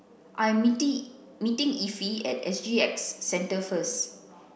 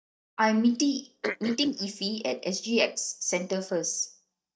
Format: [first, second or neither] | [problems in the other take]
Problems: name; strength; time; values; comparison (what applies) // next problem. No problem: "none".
first | noise reduction (neural mask model DeepFilterNet 3)